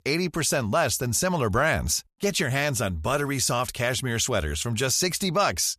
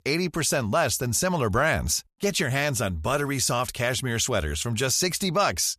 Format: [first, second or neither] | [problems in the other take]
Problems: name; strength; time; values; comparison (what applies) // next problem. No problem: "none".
neither | none